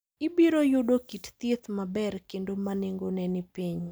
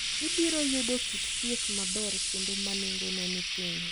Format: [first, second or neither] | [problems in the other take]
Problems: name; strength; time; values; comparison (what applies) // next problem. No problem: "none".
first | background sound (Frying (food)); 4 dB above the speech